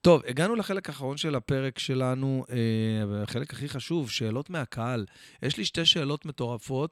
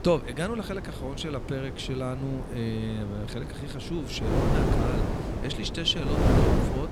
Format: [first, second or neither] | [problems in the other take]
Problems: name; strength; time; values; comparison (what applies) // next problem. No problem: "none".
first | wind noise on the microphone; heavy; 1 dB below the speech